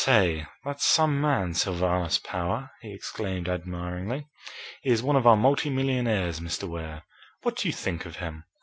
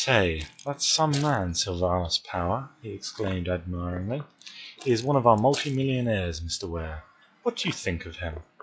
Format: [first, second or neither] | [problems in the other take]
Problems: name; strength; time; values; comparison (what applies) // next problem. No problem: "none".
first | noise reduction (classical method log-MMSE)